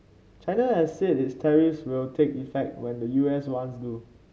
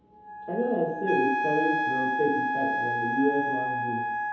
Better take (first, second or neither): first